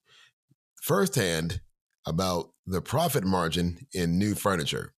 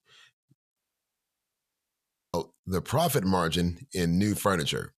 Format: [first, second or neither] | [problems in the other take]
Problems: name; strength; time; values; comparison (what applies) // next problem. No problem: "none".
first | audio cutting out; at 1 s for 1.5 s